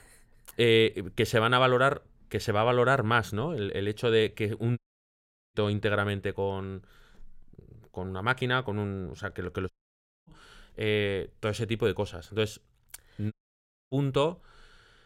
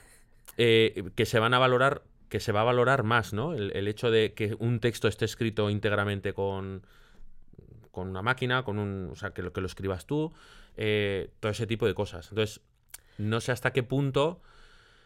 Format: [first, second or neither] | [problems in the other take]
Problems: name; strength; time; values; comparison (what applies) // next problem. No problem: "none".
second | audio cutting out; at 5 s for 1 s, at 9.5 s for 0.5 s and at 13 s for 0.5 s